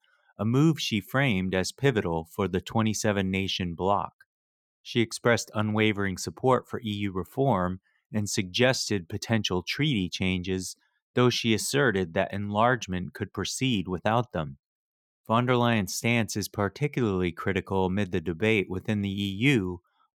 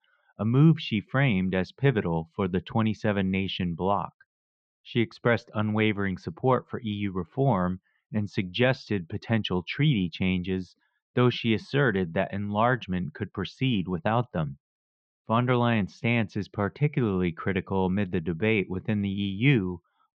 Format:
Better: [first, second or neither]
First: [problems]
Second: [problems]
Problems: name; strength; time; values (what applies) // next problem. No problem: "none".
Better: first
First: none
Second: muffled; slightly; fading above 3.5 kHz